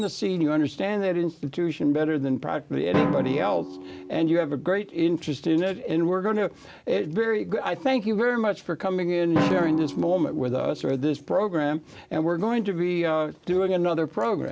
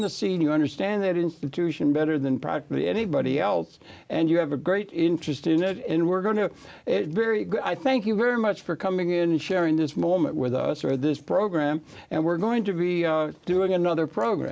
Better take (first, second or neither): second